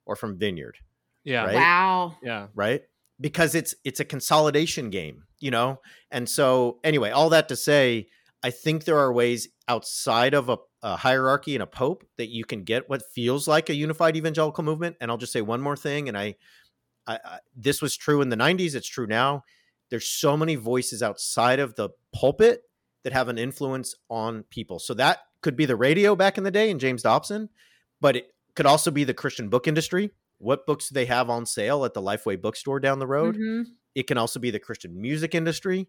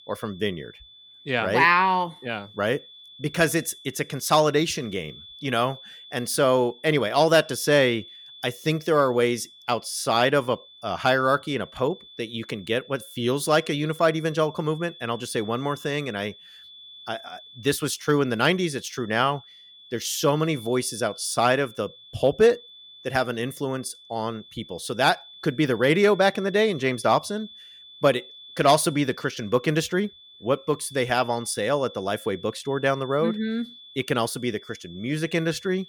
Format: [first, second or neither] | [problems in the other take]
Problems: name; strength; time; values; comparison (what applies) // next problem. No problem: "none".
first | high-pitched whine; noticeable; throughout; 3.5 kHz, 20 dB below the speech